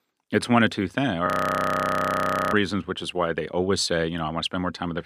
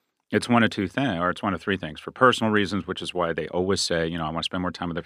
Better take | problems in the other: second | audio freezing; at 1.5 s for 1.5 s

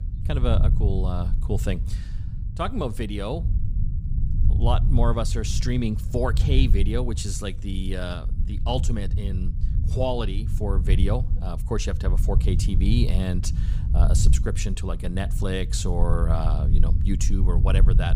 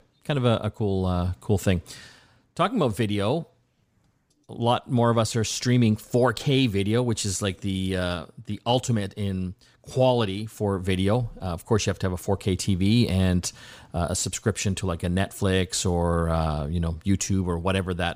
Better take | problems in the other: second | low rumble; noticeable; throughout; 10 dB below the speech

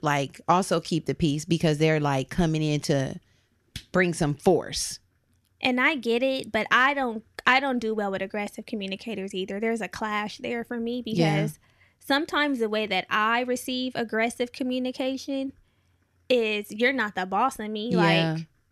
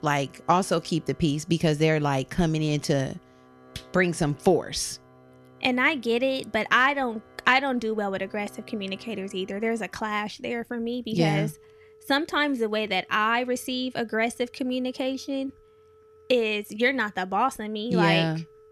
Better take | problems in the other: first | background music; faint; throughout; 30 dB below the speech

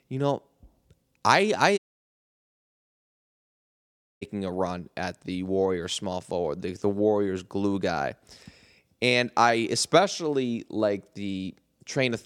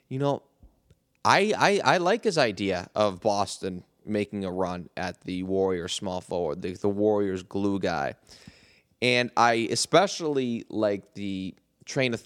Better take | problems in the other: second | audio cutting out; at 2 s for 2.5 s

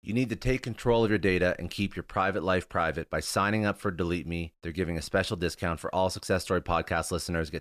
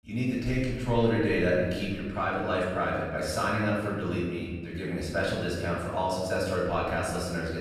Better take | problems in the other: first | off-mic speech; far // room echo; noticeable; dies away in 1.6 s

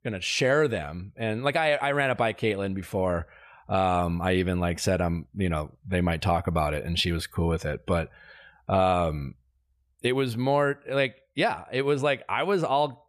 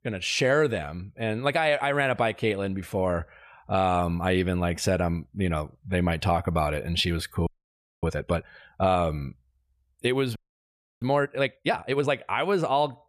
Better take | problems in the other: first | audio freezing; at 7.5 s for 0.5 s and at 10 s for 0.5 s

